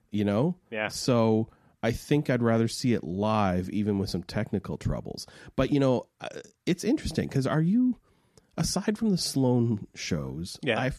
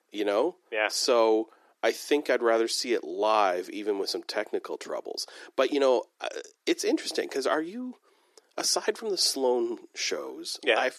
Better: first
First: none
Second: thin; very; fading below 350 Hz

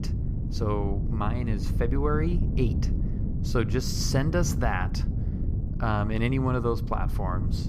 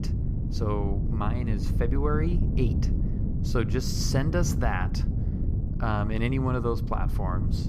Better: first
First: wind noise on the microphone; occasional gusts; 10 dB below the speech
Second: wind noise on the microphone; heavy; 8 dB below the speech

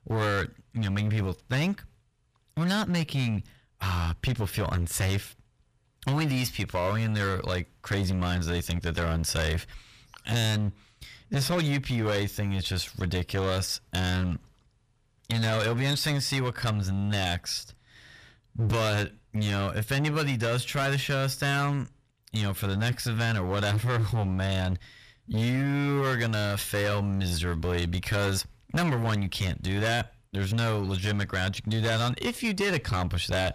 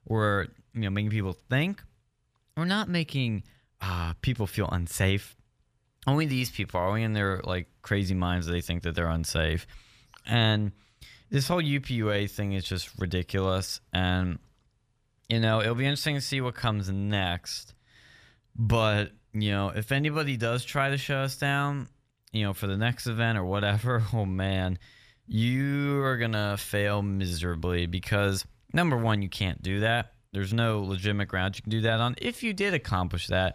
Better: second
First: distortion; heavy; 15% of the sound clipped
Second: none

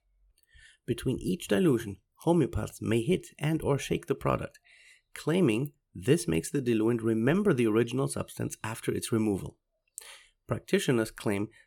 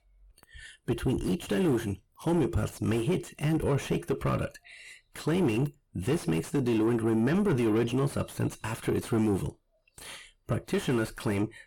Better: first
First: none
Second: distortion; heavy; 7 dB below the speech

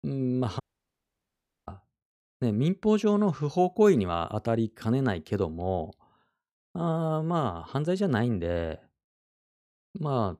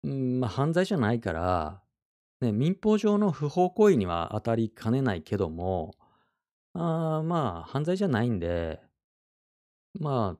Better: second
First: audio cutting out; at 0.5 s for 1 s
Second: none

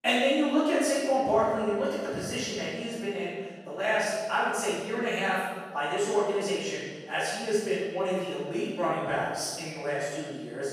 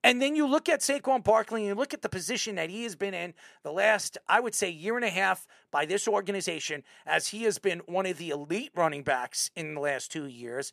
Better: second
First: off-mic speech; far // room echo; strong; dies away in 1.4 s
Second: none

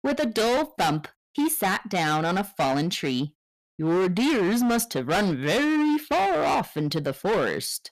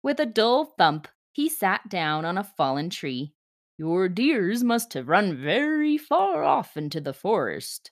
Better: second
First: distortion; heavy; 23% of the sound clipped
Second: none

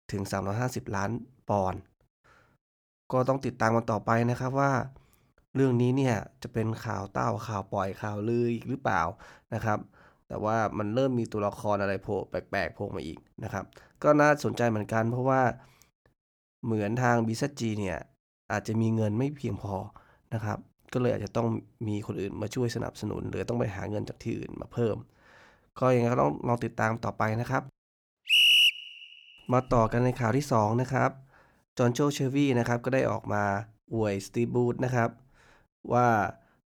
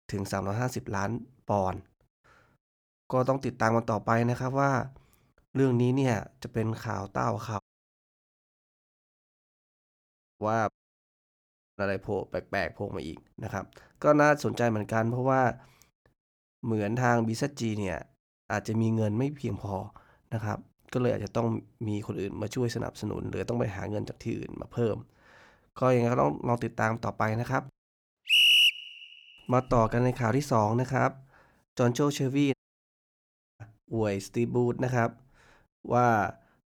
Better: first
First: none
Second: audio cutting out; at 7.5 s for 3 s, at 11 s for 1 s and at 33 s for 1 s

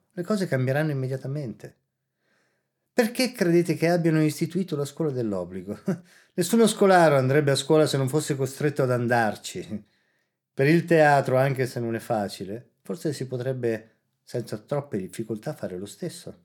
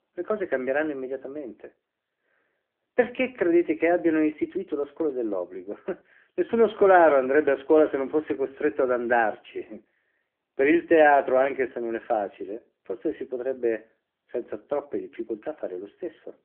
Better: first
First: none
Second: phone-call audio

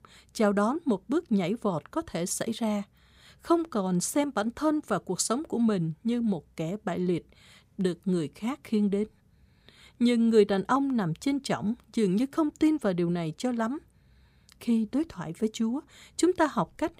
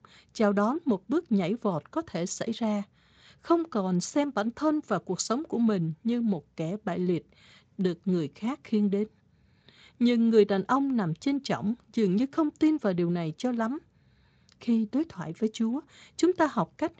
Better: first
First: none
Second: garbled, watery; slightly; nothing above 7.5 kHz

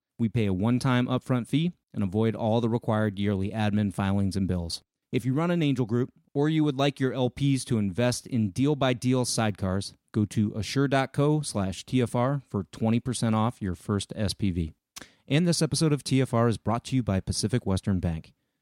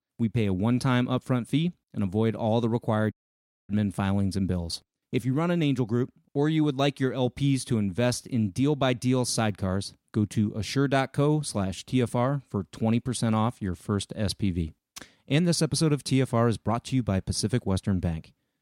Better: first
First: none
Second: audio cutting out; at 3 s for 0.5 s

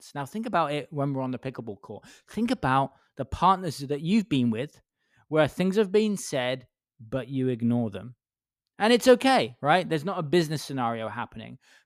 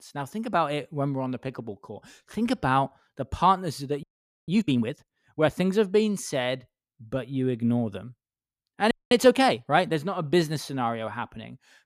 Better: first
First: none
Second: audio freezing; at 4 s and at 9 s

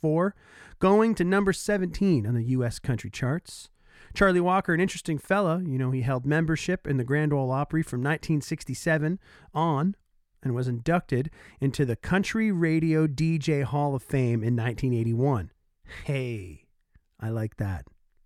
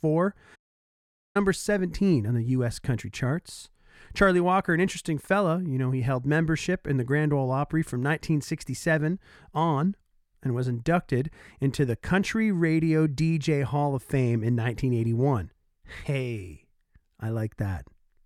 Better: first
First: none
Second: audio cutting out; at 0.5 s for 1 s

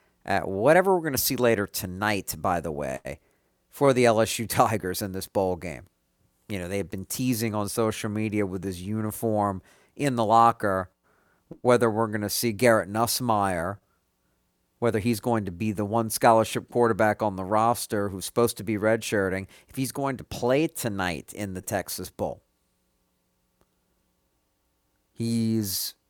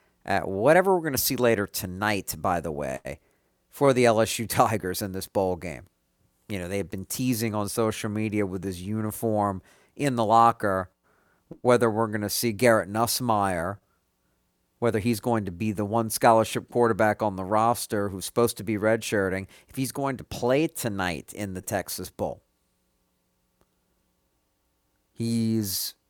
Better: neither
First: none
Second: none

